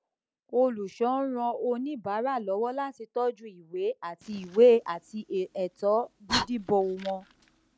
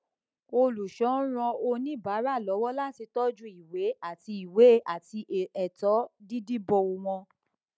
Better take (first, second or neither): second